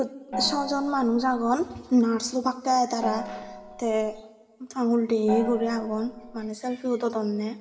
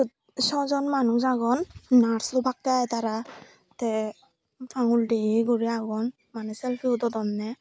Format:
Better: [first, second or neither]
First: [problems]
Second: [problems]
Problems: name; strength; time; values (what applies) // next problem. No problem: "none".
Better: second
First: background sound (Gong); 10 dB below the speech // room echo; dies away in 1.3 s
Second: none